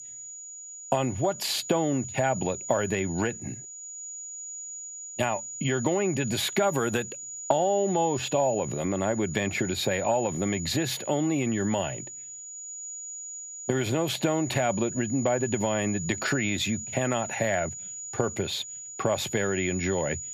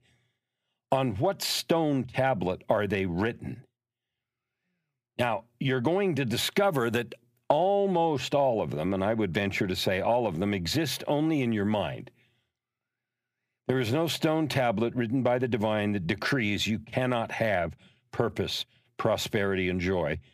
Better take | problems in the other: second | high-pitched whine; loud; throughout; 7 kHz, 9 dB below the speech

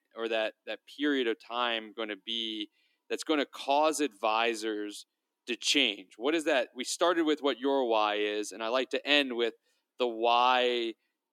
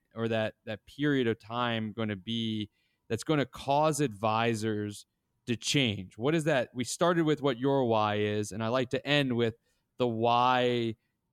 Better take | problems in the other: second | thin; very slightly; fading below 300 Hz

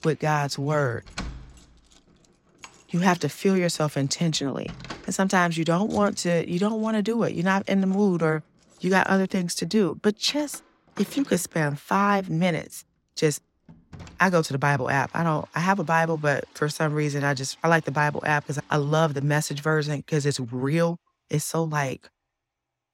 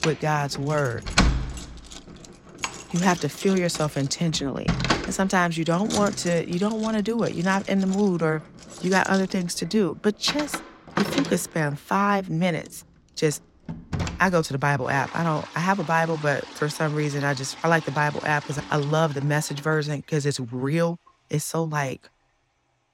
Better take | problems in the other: first | household noises; loud; throughout; 8 dB below the speech; faint in the first

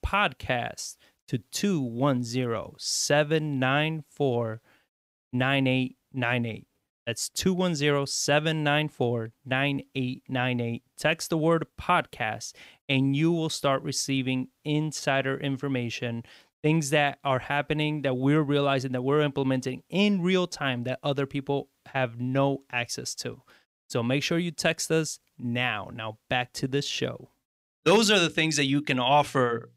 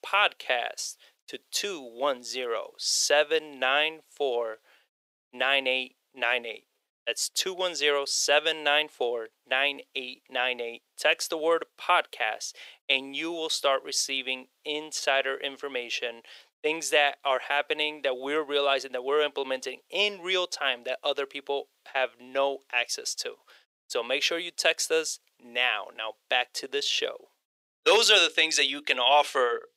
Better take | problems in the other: first | thin; very; fading below 450 Hz

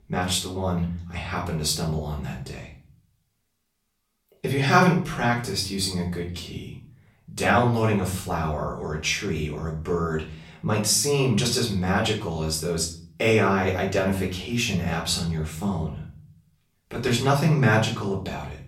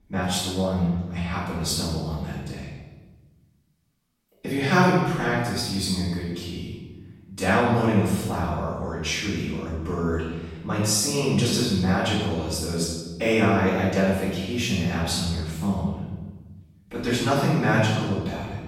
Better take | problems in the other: first | room echo; strong; dies away in 1.2 s; slight in the first // off-mic speech; far; far in the first

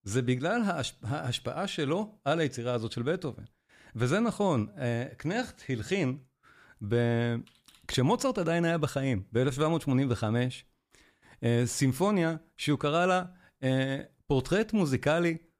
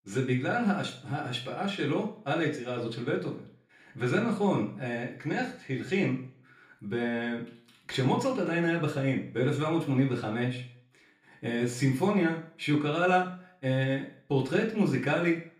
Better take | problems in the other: first | room echo; slight; dies away in 0.4 s // off-mic speech; far

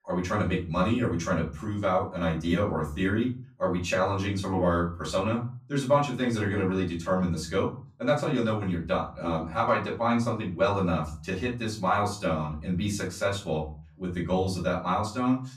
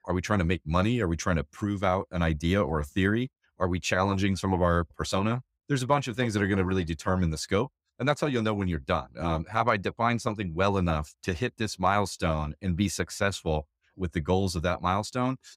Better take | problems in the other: second | off-mic speech; far // room echo; slight; dies away in 0.3 s

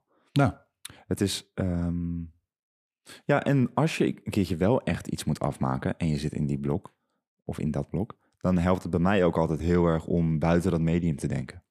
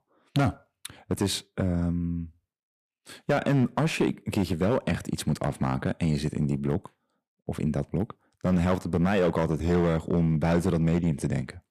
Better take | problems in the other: first | distortion; slight; 4% of the sound clipped

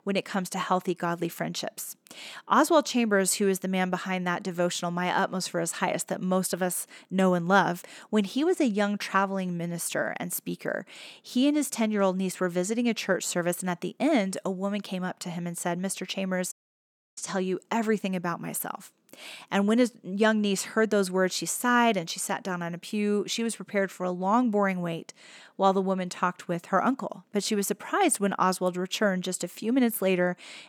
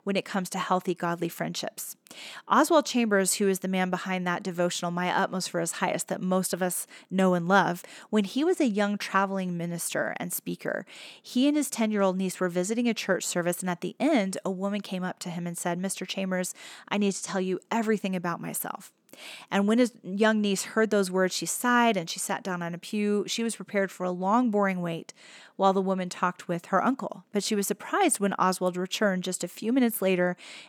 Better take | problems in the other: second | audio cutting out; at 17 s for 0.5 s

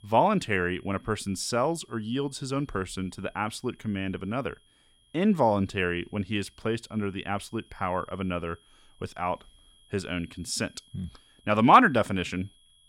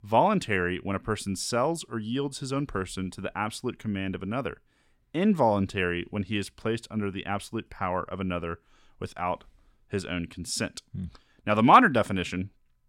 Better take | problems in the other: second | high-pitched whine; faint; throughout; 3.5 kHz, 30 dB below the speech

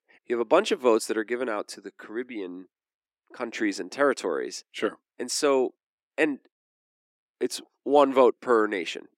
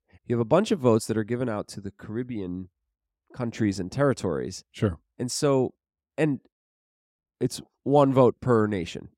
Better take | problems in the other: second | thin; somewhat; fading below 300 Hz

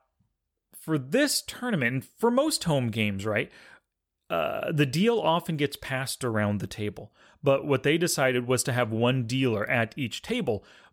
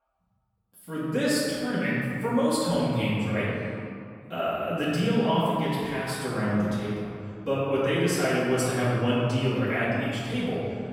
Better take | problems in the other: first | off-mic speech; far // room echo; strong; dies away in 2.3 s

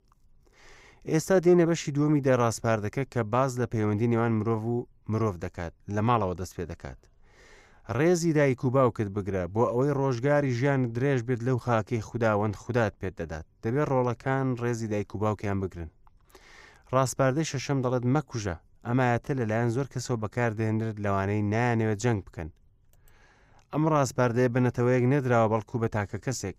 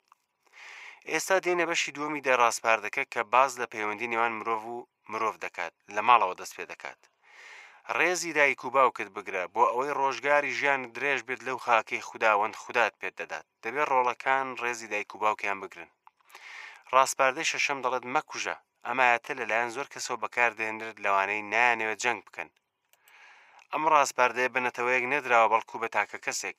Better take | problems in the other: first | thin; very; fading below 650 Hz

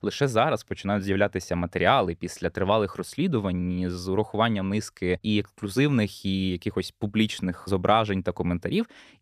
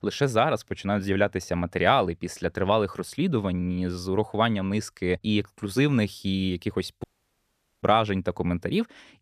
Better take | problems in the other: first | audio cutting out; at 7 s for 1 s

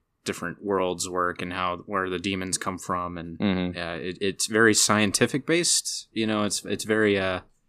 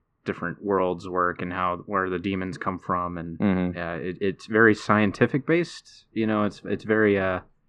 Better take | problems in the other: first | muffled; very; fading above 1.5 kHz

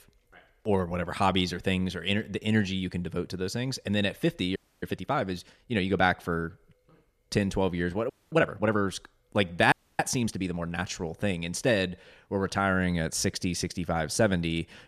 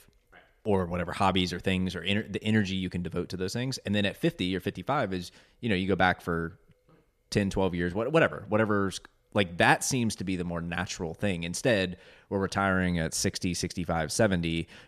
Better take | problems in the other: second | audio freezing; at 4.5 s, at 8 s and at 9.5 s

